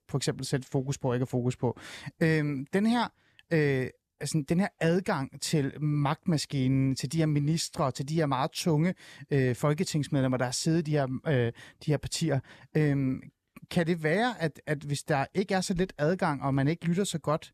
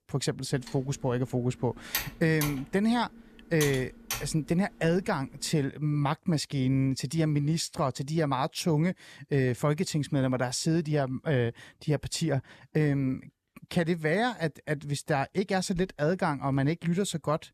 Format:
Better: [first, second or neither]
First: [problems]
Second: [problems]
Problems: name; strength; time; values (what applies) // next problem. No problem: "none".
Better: first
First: none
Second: keyboard typing; noticeable; from 0.5 to 5 s; peak 4 dB below the speech